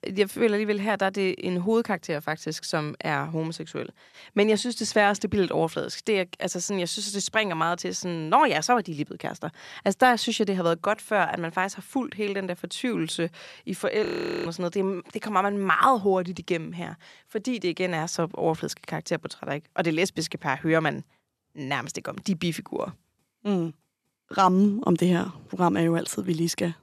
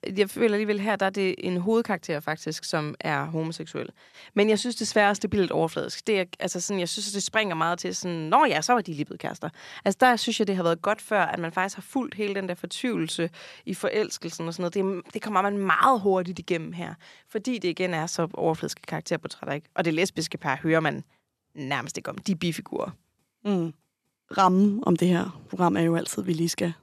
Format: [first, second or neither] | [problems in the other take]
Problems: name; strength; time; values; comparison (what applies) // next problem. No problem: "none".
second | audio freezing; at 14 s